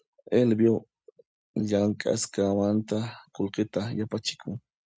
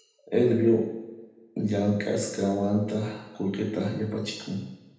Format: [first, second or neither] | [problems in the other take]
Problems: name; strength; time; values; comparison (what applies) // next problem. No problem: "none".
first | room echo; dies away in 0.9 s